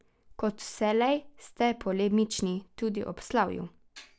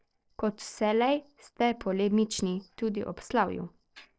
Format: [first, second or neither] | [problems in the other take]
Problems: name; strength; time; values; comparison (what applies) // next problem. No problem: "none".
first | noise reduction (neural separator model SepFormer DNS4)